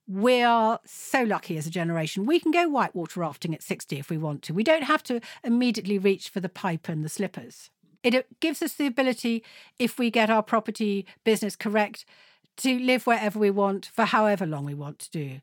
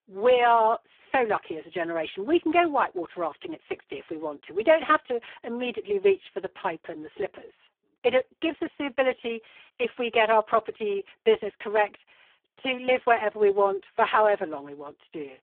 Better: first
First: none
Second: phone-call audio; poor line

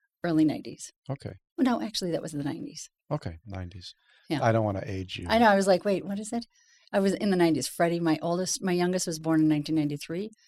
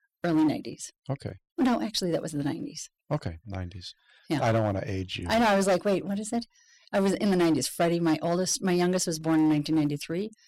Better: first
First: none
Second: distortion; slight; 7% of the sound clipped

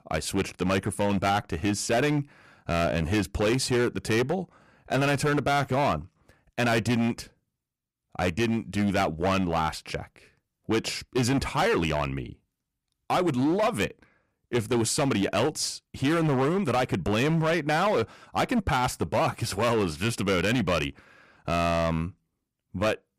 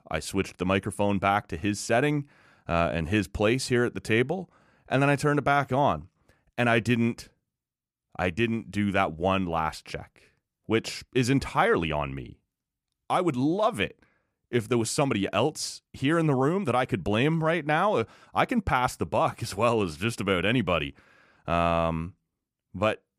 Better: second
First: distortion; heavy; 13% of the sound clipped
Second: none

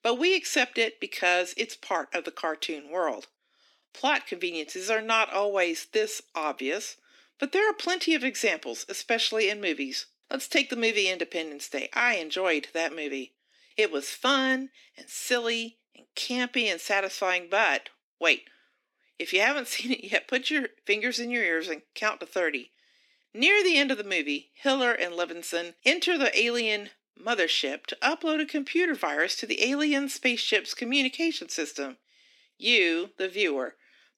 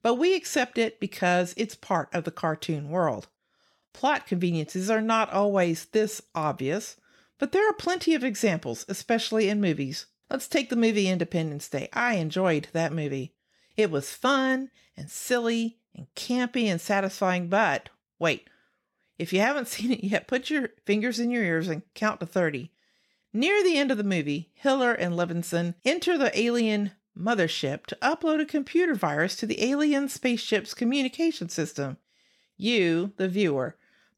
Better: second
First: thin; very slightly; fading below 250 Hz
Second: none

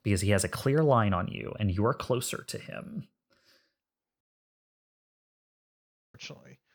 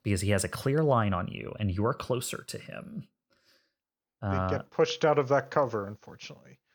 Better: second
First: audio cutting out; at 4 s for 2 s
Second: none

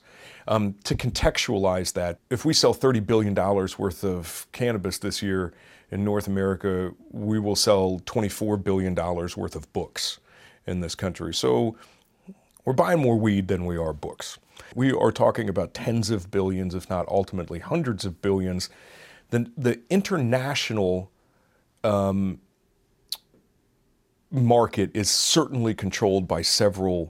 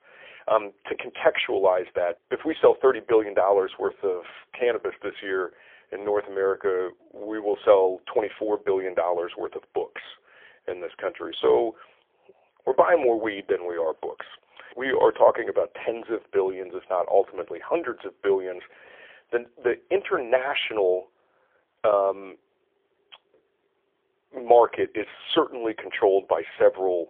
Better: first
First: none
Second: phone-call audio; poor line; nothing above 3.5 kHz

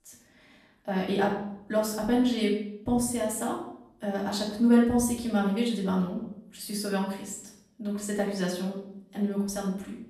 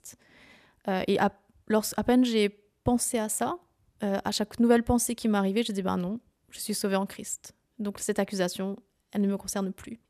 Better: second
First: room echo; noticeable; dies away in 0.6 s // off-mic speech; far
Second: none

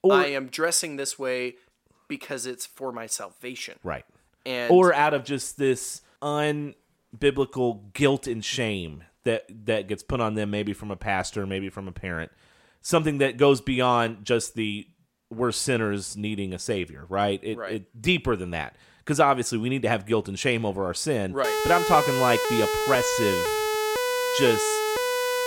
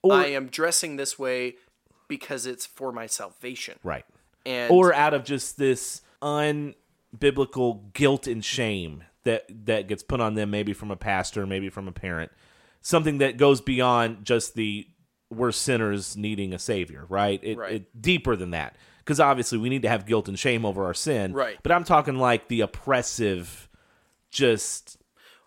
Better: second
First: siren; loud; from 21 s on; peak 1 dB above the speech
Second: none

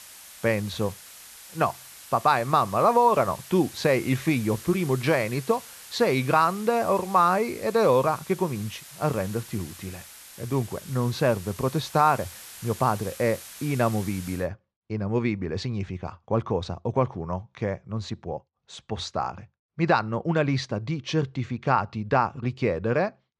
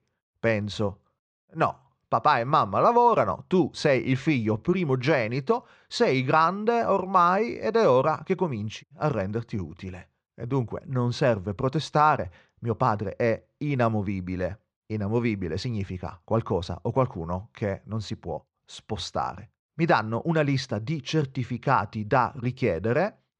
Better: second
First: hiss; noticeable; until 14 s; 15 dB below the speech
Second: none

